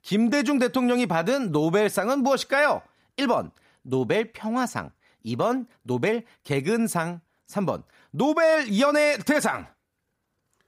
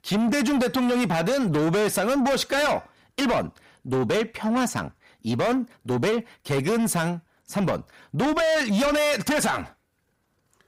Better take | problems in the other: first | distortion; heavy; 7 dB below the speech

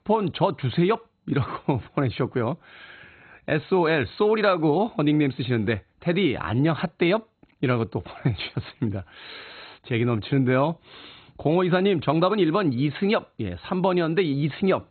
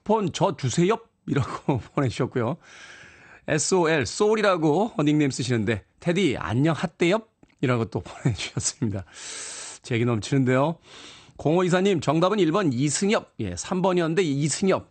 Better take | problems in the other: second | garbled, watery; badly; nothing above 4 kHz; slightly in the second

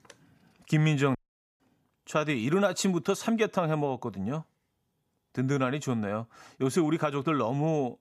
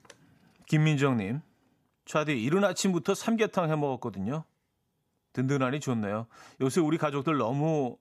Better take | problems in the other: second | audio cutting out; at 1 s

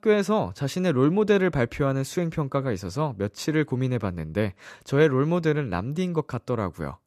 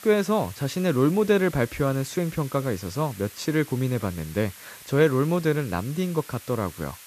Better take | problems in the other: first | hiss; noticeable; throughout; 15 dB below the speech

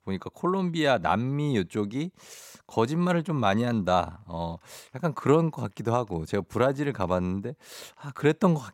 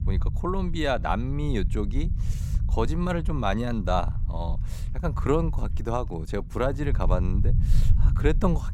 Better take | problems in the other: first | low rumble; noticeable; throughout; 15 dB below the speech

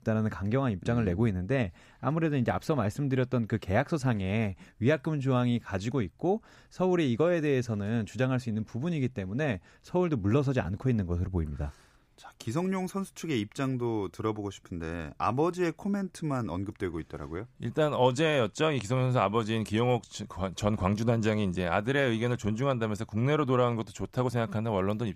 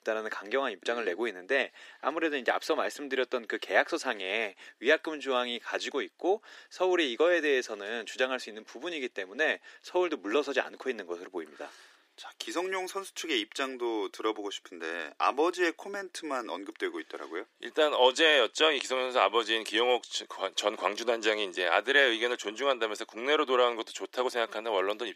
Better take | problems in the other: first | thin; very; fading below 350 Hz

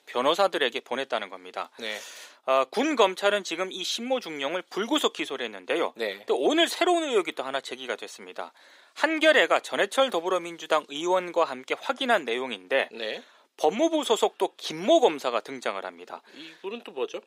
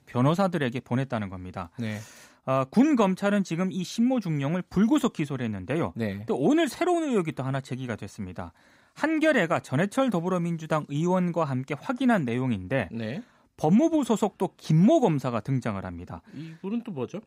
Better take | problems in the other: second | thin; very; fading below 400 Hz

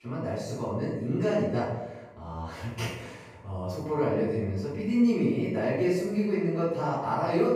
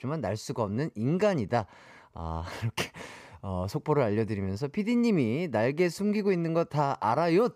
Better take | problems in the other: second | room echo; strong; dies away in 0.8 s // off-mic speech; far

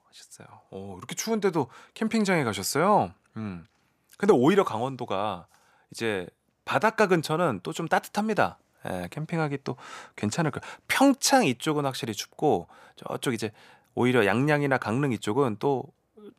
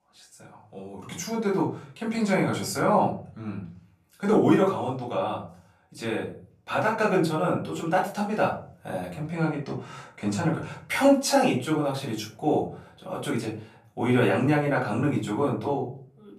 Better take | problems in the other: first | room echo; slight; dies away in 0.4 s // off-mic speech; far

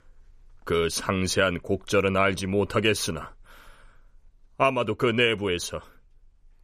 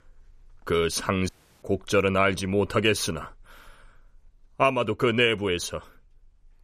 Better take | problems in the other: first | audio cutting out; at 1.5 s

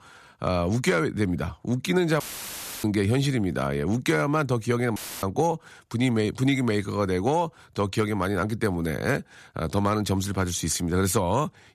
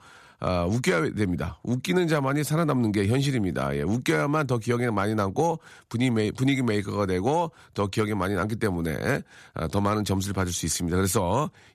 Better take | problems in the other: second | audio cutting out; filled with static; at 2 s for 0.5 s and at 5 s

